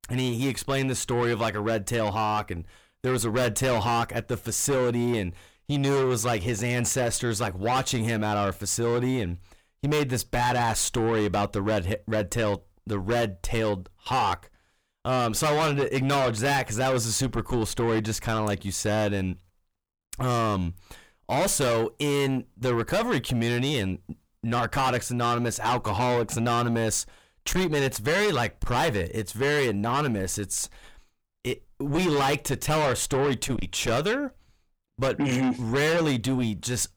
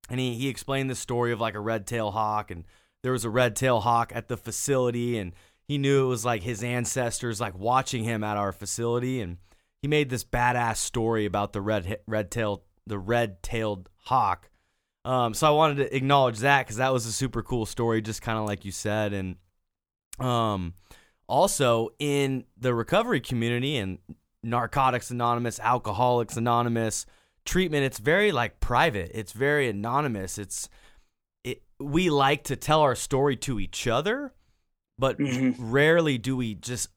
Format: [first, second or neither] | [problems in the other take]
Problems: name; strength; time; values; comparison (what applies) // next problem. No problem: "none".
second | distortion; heavy; 6 dB below the speech